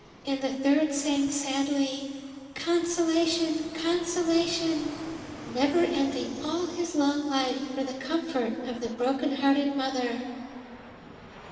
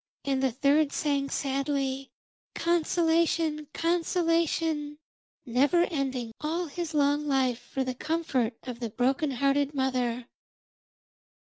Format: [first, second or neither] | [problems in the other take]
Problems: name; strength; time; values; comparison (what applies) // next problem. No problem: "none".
second | background sound (Fixed-wing aircraft, airplane); 19 dB below the speech // room echo; dies away in 2.5 s